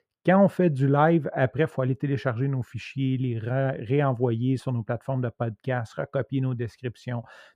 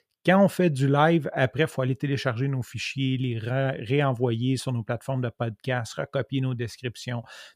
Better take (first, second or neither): second